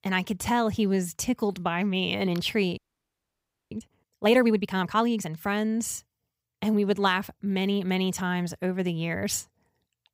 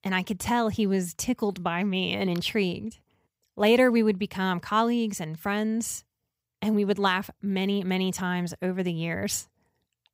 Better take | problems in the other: second | audio freezing; at 3 s for 1 s

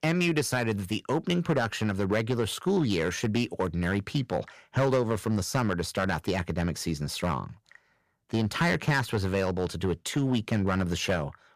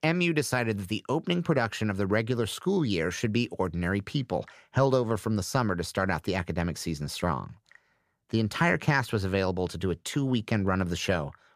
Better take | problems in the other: second | distortion; slight; 5% of the sound clipped

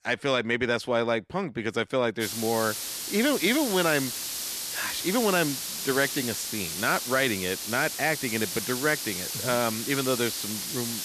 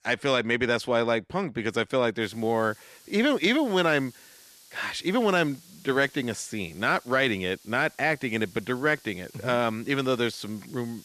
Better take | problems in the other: second | hiss; loud; from 2 s on; 3 dB below the speech; faint in the second

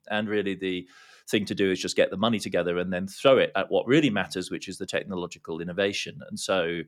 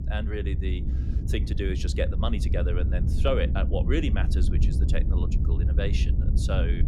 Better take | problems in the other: first | low rumble; loud; throughout; 8 dB below the speech

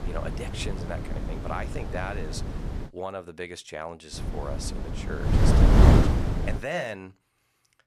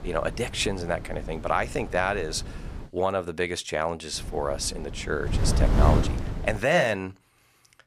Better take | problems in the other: second | wind noise on the microphone; heavy; until 3 s and from 4 to 6.5 s; 2 dB above the speech; occasional gusts in the second

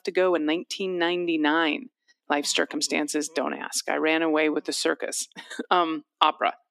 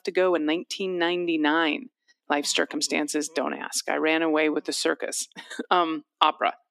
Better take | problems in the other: neither | thin; somewhat; fading below 250 Hz; the same in both

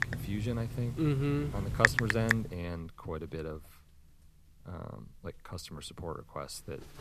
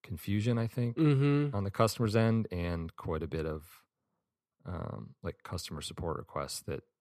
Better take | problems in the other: second | household noises; very loud; throughout; 4 dB above the speech

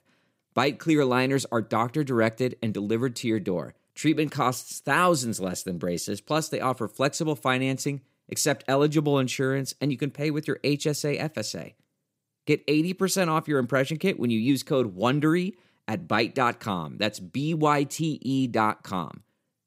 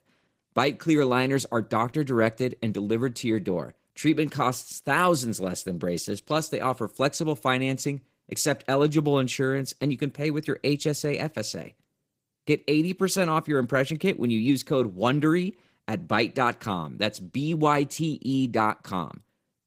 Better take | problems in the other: first | garbled, watery; slightly; nothing above 15.5 kHz

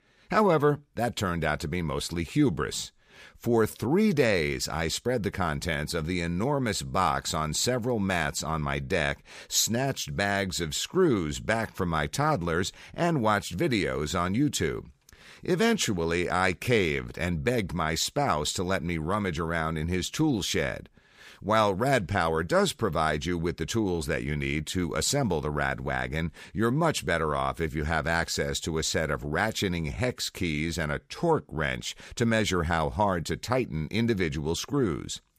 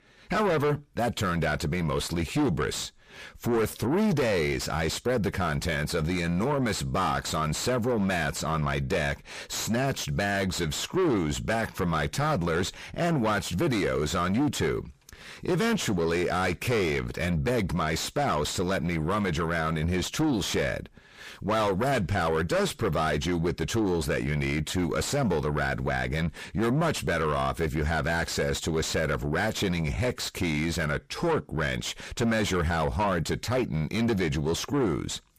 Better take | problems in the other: first | distortion; heavy; 6 dB below the speech

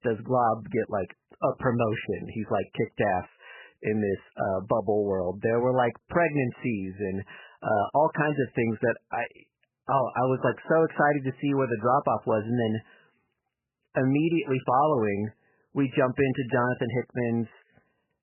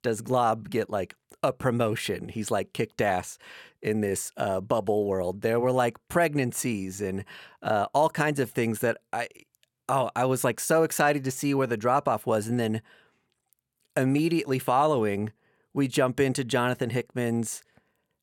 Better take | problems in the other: second | garbled, watery; badly; nothing above 3 kHz

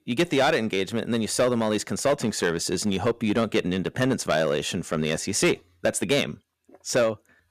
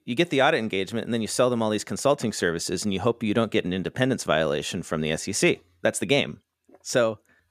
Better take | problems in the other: second | distortion; slight; 5% of the sound clipped

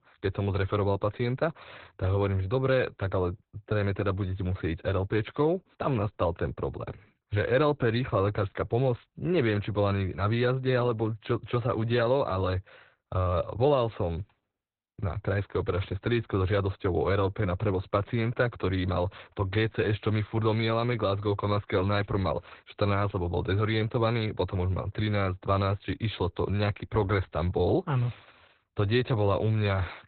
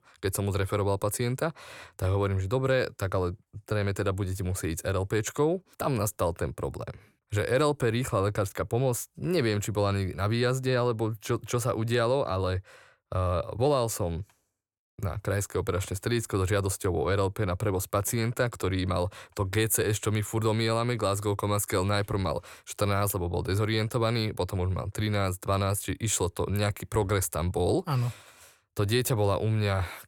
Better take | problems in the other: second | garbled, watery; badly; nothing above 4 kHz

